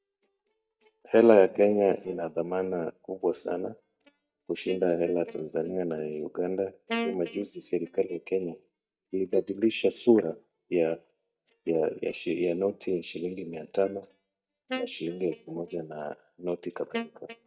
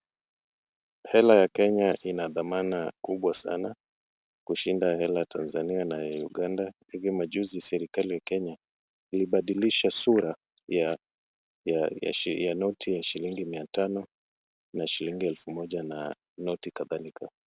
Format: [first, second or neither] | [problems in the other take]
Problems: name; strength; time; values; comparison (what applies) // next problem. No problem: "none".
second | noise reduction (neural mask model DeepFilterNet 3)